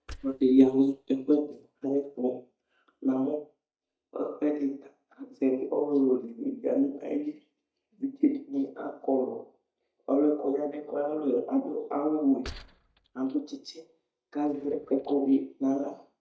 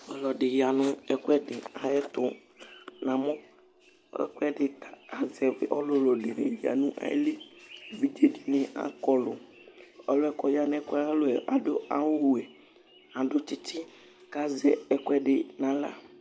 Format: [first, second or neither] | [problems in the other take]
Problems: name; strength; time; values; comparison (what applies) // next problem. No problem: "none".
second | noise reduction (neural mask model DeepFilterNet 3)